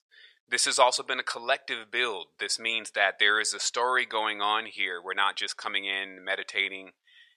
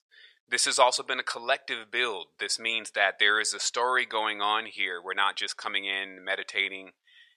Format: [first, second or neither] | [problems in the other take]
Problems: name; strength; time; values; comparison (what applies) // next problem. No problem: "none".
neither | thin; very; fading below 950 Hz; the same in both